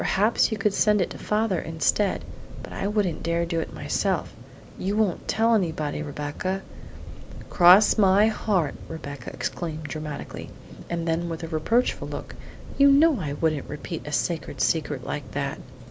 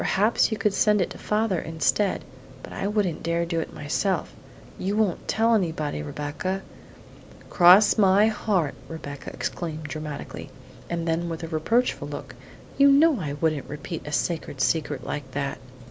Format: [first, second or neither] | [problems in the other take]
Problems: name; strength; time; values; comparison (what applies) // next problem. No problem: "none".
second | background sound (Wind); 13 dB below the speech